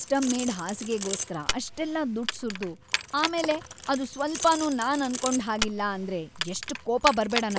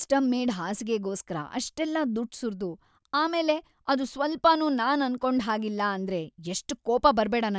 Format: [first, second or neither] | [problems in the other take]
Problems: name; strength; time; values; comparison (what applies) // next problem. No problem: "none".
second | background sound (Keys jangling); 7 dB below the speech